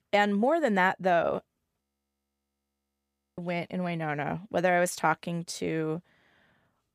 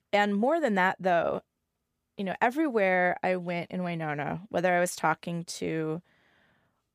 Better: second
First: audio freezing; at 2 s for 1.5 s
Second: none

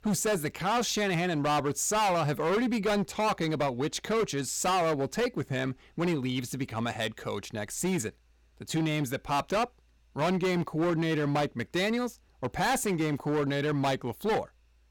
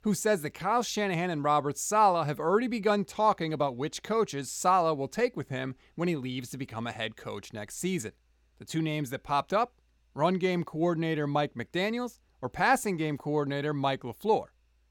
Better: second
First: distortion; heavy; 16% of the sound clipped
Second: none

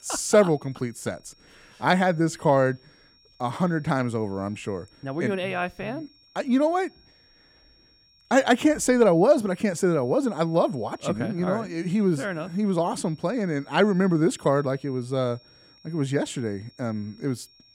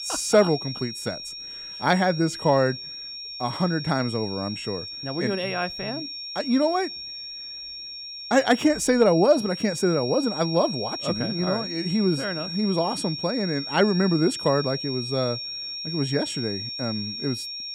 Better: first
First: high-pitched whine; faint; throughout; 5.5 kHz, 30 dB below the speech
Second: high-pitched whine; loud; throughout; 5.5 kHz, 7 dB below the speech

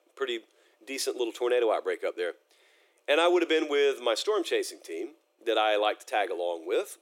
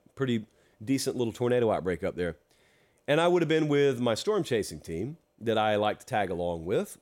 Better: second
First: thin; very; fading below 350 Hz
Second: none

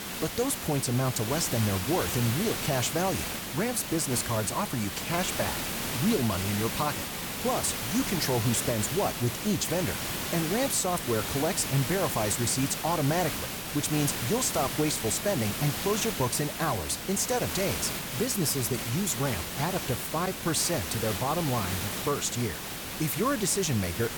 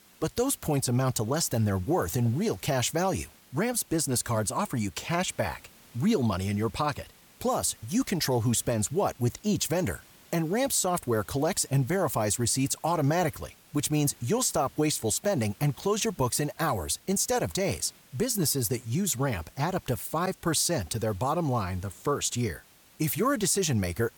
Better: second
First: hiss; loud; throughout; 3 dB below the speech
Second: hiss; faint; throughout; 25 dB below the speech

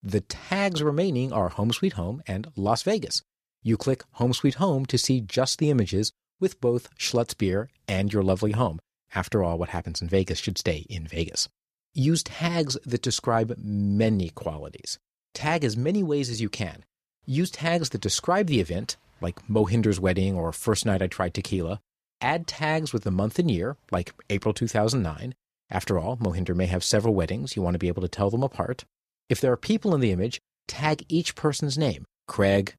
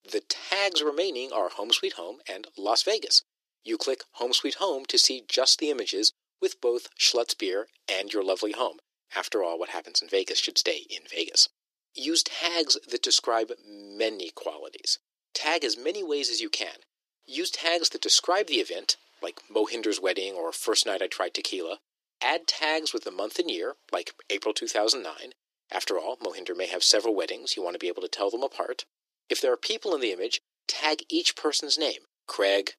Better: first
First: none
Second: thin; very; fading below 300 Hz

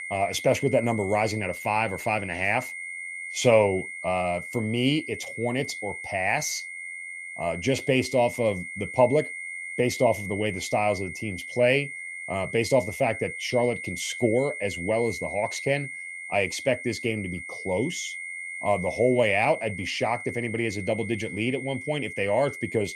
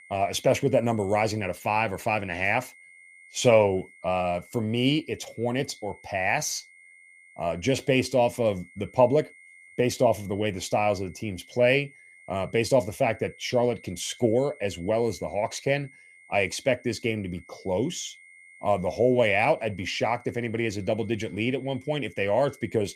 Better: second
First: high-pitched whine; loud; throughout; 2 kHz, 8 dB below the speech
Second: high-pitched whine; faint; throughout; 2 kHz, 25 dB below the speech

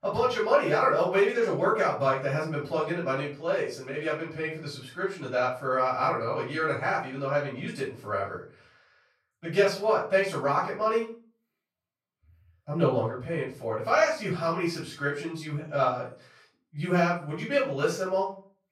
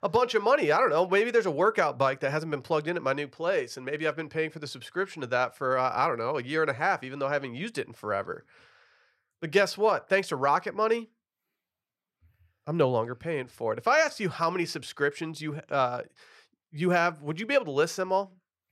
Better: second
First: off-mic speech; far // room echo; noticeable; dies away in 0.3 s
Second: none

